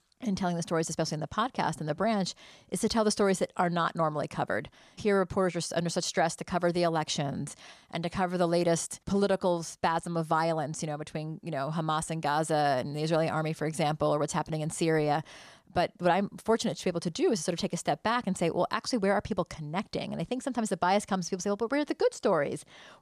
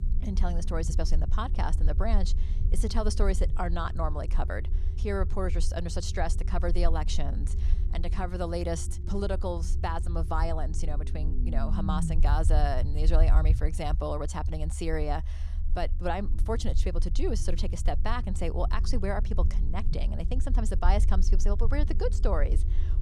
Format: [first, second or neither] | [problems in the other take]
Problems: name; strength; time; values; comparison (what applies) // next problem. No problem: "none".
first | low rumble; noticeable; throughout; 15 dB below the speech